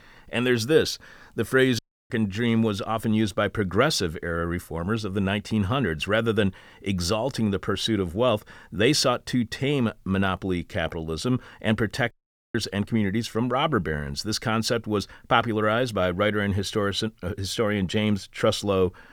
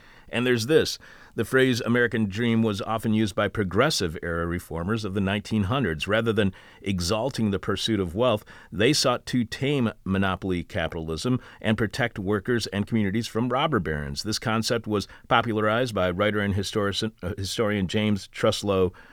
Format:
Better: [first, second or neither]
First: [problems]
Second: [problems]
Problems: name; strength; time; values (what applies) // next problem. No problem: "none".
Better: second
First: audio cutting out; at 2 s and at 12 s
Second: none